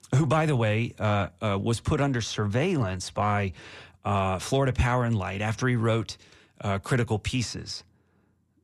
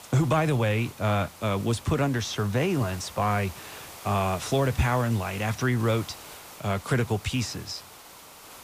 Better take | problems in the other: first | hiss; noticeable; throughout; 15 dB below the speech

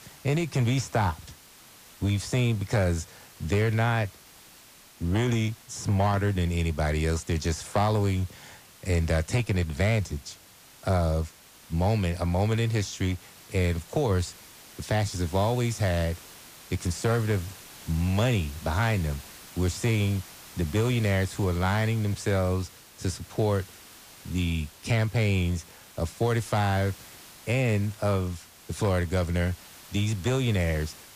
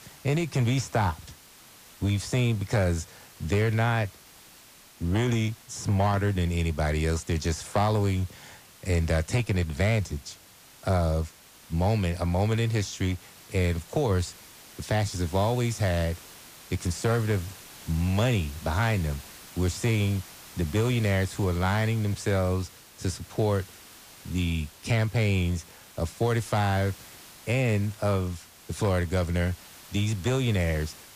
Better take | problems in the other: neither | hiss; noticeable; throughout; 20 dB below the speech; the same in both

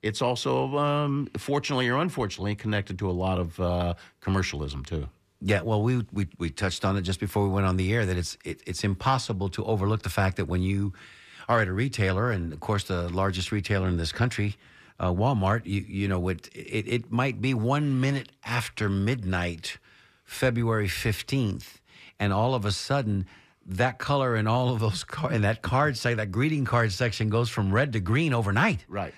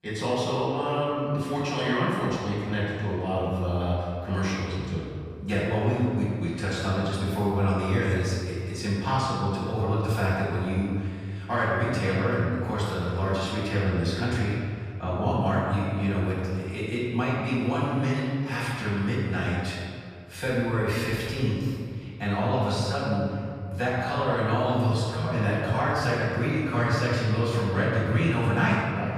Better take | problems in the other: first | off-mic speech; far // room echo; strong; dies away in 1.9 s

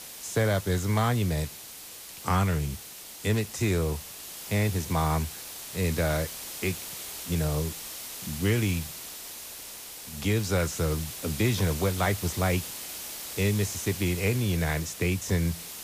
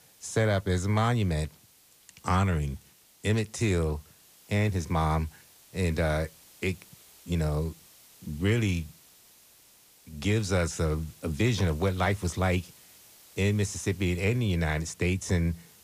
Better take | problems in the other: second | hiss; loud; throughout; 9 dB below the speech; faint in the second

